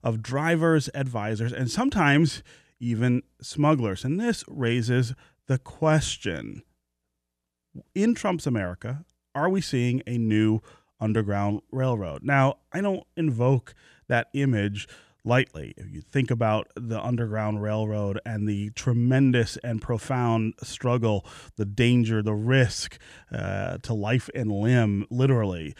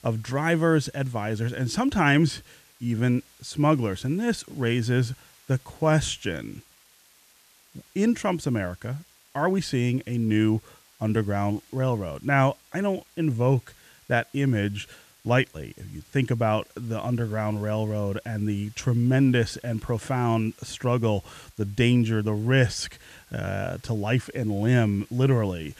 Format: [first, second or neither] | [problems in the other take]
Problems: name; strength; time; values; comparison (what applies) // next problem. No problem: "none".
first | hiss; faint; throughout; 30 dB below the speech